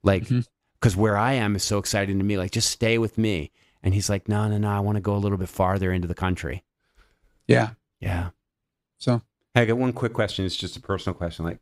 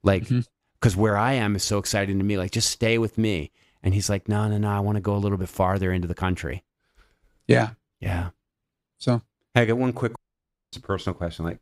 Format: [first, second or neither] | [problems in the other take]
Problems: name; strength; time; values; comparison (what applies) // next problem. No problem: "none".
first | audio cutting out; at 10 s for 0.5 s